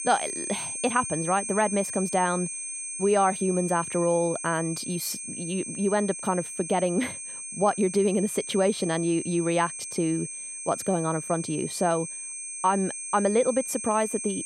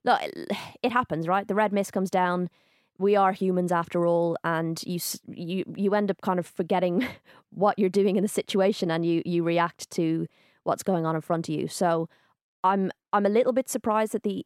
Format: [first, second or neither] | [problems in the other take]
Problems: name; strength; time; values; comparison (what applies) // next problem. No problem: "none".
second | high-pitched whine; loud; throughout; 8.5 kHz, 6 dB below the speech